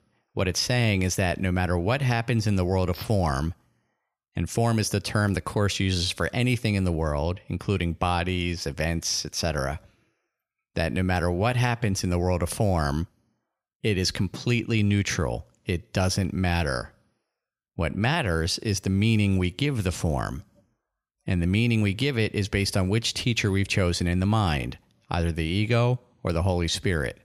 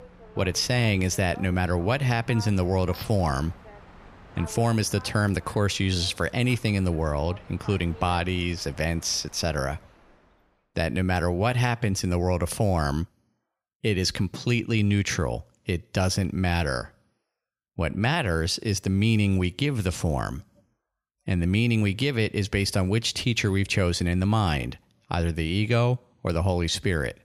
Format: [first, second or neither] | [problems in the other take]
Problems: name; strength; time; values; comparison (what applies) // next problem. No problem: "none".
first | train or aircraft noise; faint; until 10 s; 20 dB below the speech